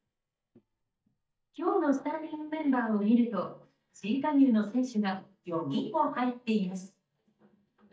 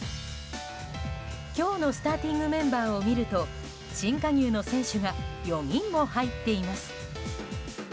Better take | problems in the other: second | noise reduction (neural mask model DeepFilterNet 3)

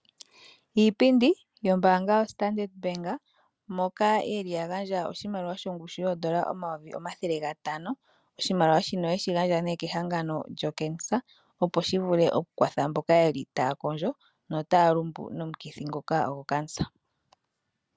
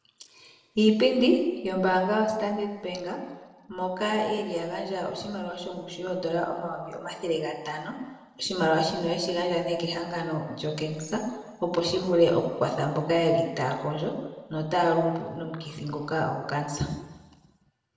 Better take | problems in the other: first | room echo; dies away in 1 s

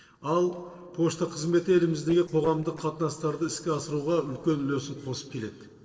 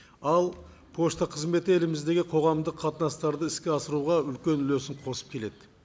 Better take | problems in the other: second | noise reduction (neural separator model SepFormer DNS4)

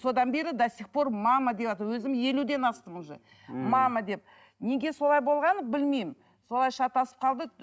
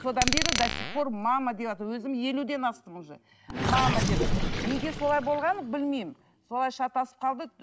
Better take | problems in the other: first | background sound (Gurgling + Glass); 2 dB below the speech

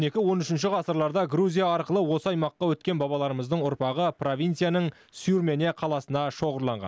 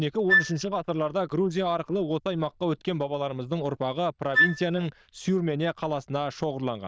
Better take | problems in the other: first | noise reduction (neural diffusion model UNIVERSE++)

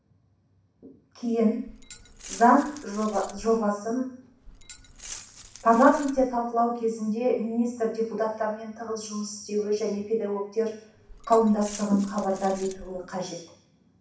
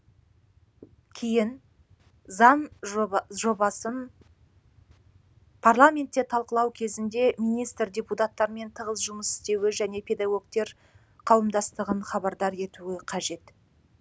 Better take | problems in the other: second | background sound (Glass); 18 dB below the speech // room echo; dies away in 0.6 s

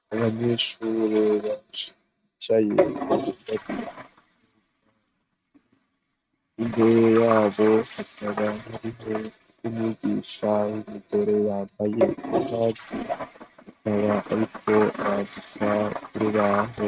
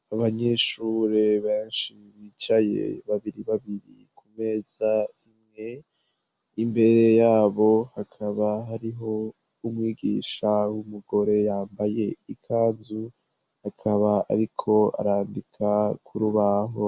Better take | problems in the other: second | noise reduction (neural mask model RNNoise)

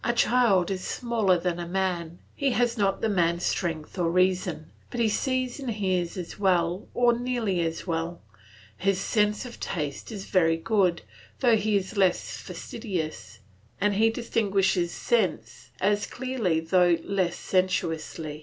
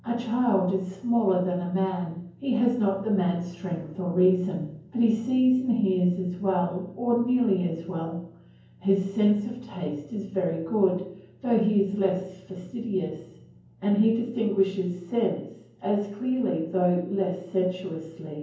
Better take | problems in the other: first | room echo; dies away in 0.9 s

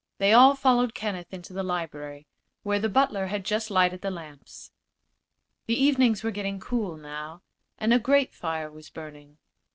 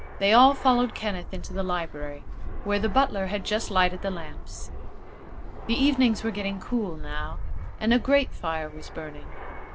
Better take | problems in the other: first | background sound (Fixed-wing aircraft, airplane); 6 dB below the speech

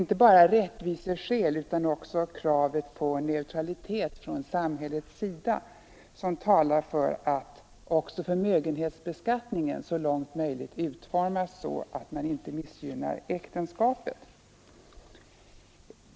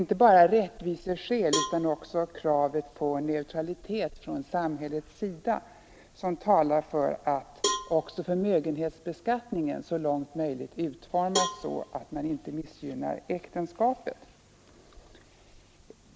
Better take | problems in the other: first | background sound (Cowbell); 8 dB below the speech

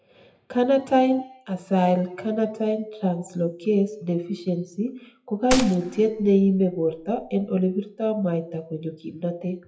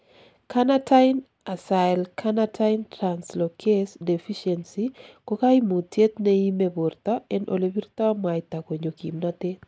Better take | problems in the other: second | noise reduction (classical method WPE with log-MMSE)

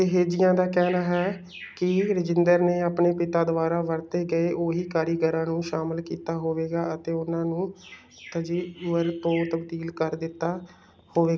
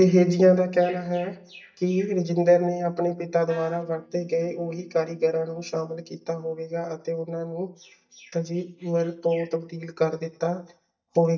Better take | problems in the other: first | noise reduction (neural mask model DeepFilterNet 3)

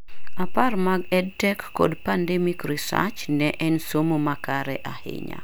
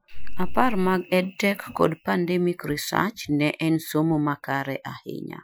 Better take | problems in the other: first | noise reduction (classical method Wiener filter)

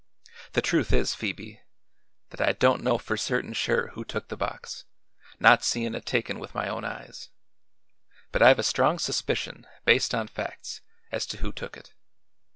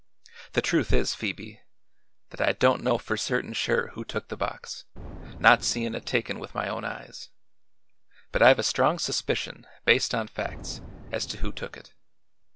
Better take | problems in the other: first | background sound (Boom); 16 dB below the speech

